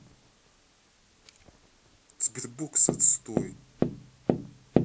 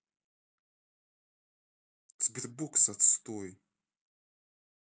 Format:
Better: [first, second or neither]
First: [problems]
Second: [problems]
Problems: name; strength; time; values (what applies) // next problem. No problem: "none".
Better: second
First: background sound (Tap); 2 dB below the speech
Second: none